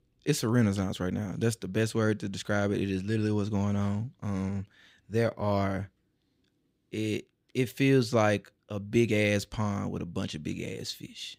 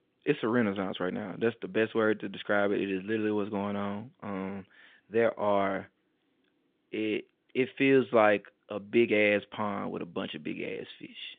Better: first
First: none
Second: phone-call audio; nothing above 3.5 kHz

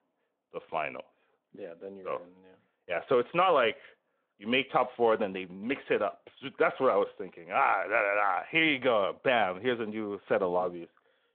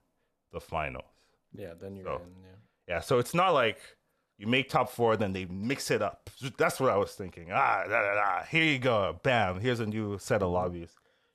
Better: second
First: phone-call audio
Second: none

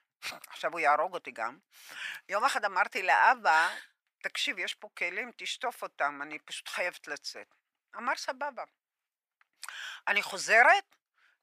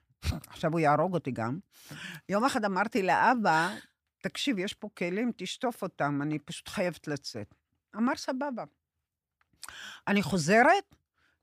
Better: second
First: thin; very; fading below 800 Hz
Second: none

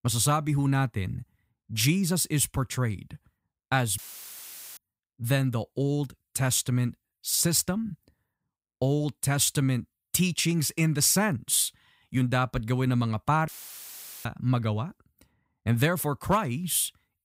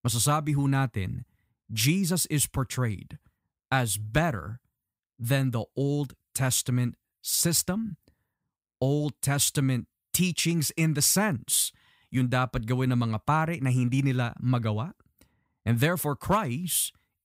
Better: second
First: audio cutting out; filled with static; at 4 s for 1 s and at 13 s for 1 s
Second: none

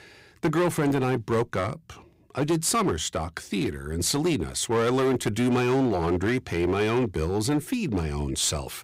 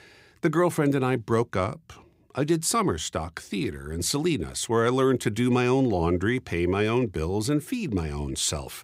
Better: second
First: distortion; slight; 10% of the sound clipped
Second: none

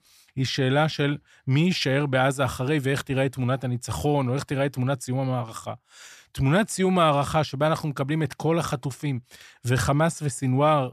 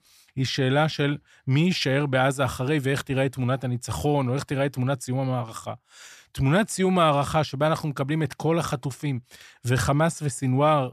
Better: neither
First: none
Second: none

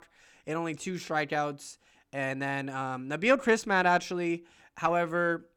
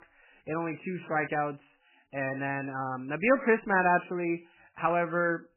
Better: first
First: none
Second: garbled, watery; badly; nothing above 2.5 kHz

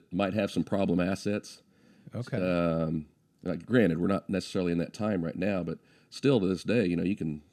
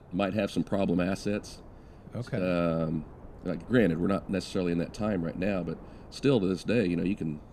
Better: first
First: none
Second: wind noise on the microphone; occasional gusts; 20 dB below the speech

